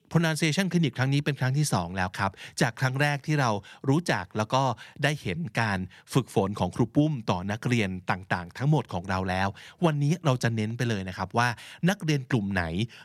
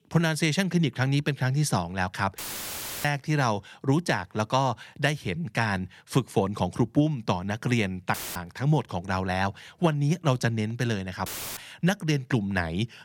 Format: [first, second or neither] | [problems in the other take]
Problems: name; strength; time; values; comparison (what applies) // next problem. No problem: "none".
first | audio cutting out; filled with static; at 2.5 s for 0.5 s, at 8 s and at 11 s